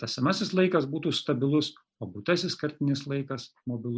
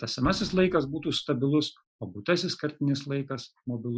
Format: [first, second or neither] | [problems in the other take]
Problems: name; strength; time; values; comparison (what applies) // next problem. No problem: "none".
first | noise reduction (classical method Wiener filter)